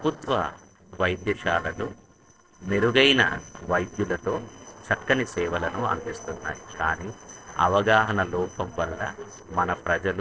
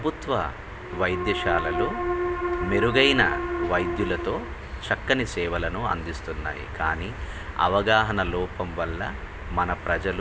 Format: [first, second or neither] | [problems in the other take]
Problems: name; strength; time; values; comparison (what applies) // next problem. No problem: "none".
second | noise reduction (neural separator model SepFormer DNS4)